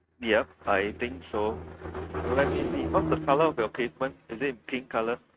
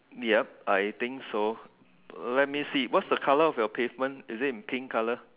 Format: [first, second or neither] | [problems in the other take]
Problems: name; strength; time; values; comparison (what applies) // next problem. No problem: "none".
second | noise reduction (neural mask model RNNoise)